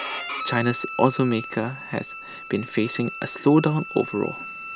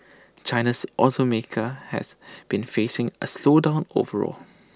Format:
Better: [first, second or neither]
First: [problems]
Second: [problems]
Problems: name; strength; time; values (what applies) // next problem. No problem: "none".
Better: second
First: background sound (Bowed string instrument); 11 dB below the speech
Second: none